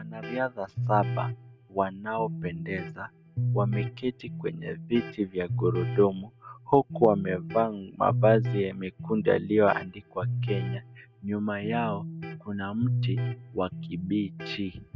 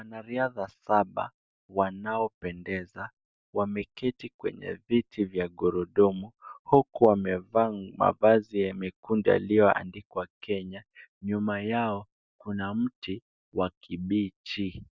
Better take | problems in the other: second | background sound (Electric guitar); 5 dB below the speech

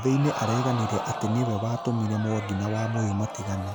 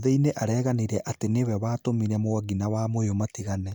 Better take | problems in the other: second | background sound (Crowd); 8 dB below the speech

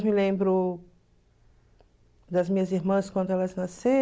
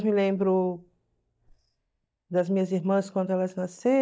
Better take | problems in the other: first | noise reduction (neural mask model DeepFilterNet 3)

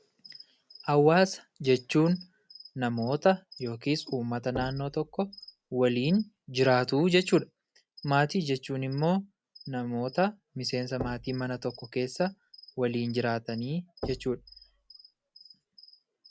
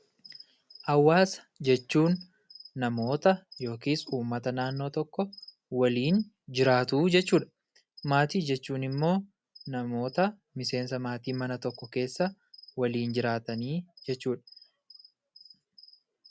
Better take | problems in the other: second | background sound (Knock); 16 dB below the speech

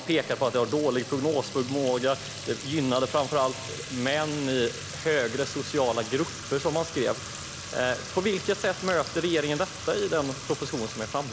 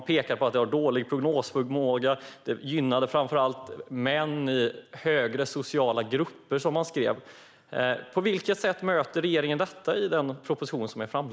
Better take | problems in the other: second | background sound (Fill (with liquid) / Trickle, dribble / Sink (filling or washing)); 10 dB below the speech

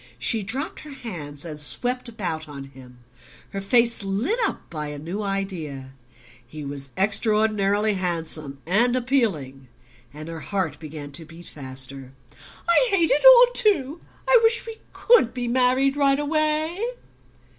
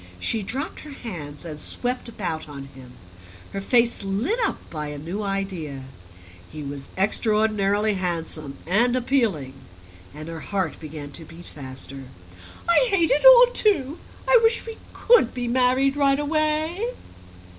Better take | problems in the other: first | background sound (Mechanical fan); 19 dB below the speech

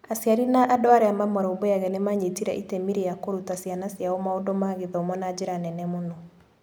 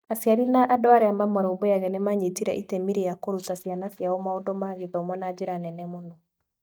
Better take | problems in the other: first | noise reduction (neural mask model DeepFilterNet 3)

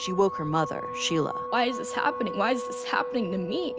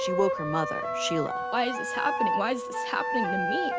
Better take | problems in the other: first | background sound (Wind instrument, woodwind instrument); 1 dB below the speech

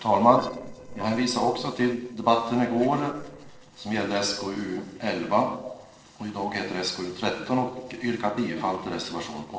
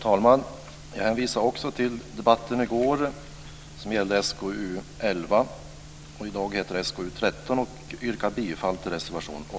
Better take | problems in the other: second | noise reduction (neural separator model SepFormer DNS4)

